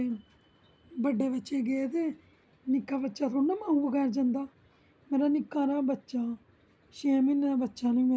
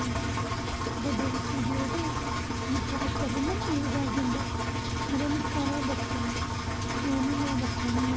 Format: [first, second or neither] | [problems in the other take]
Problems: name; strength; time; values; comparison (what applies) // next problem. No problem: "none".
first | background sound (Engine); 3 dB above the speech